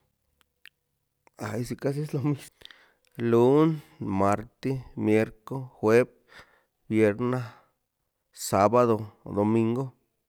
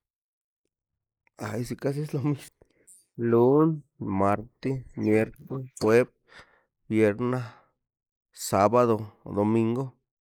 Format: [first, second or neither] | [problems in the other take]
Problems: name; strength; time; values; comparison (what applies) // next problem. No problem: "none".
first | noise reduction (neural mask model Resemble Enhance denoiser)